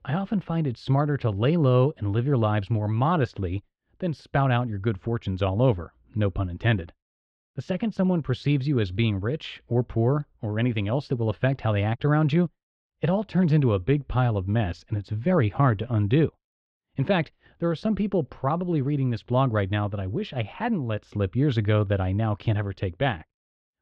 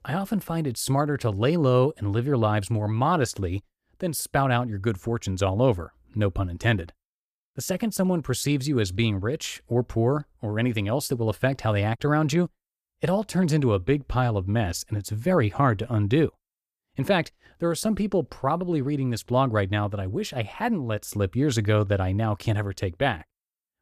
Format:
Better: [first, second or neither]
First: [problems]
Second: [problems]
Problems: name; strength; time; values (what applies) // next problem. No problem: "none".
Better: second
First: muffled; slightly; fading above 3.5 kHz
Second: none